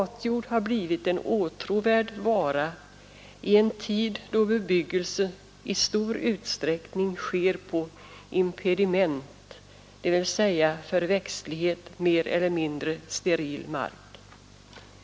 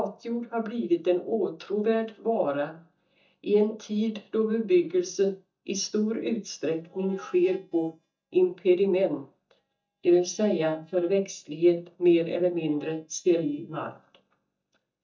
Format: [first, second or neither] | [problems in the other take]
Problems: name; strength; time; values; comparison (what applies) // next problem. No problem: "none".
first | noise reduction (neural mask model DeepFilterNet 3)